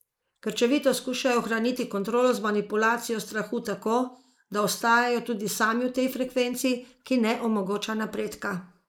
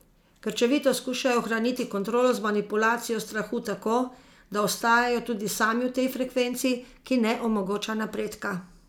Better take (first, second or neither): second